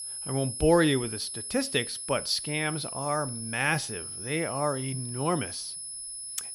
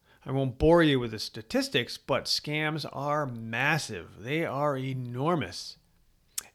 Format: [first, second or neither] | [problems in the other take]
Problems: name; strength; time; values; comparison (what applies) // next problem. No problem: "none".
second | high-pitched whine; loud; throughout; 10.5 kHz, 6 dB below the speech